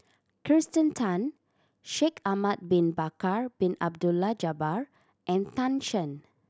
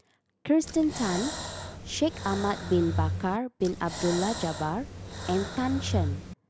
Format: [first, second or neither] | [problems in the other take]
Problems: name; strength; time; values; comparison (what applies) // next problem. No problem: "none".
first | background sound (Breathing); 5 dB below the speech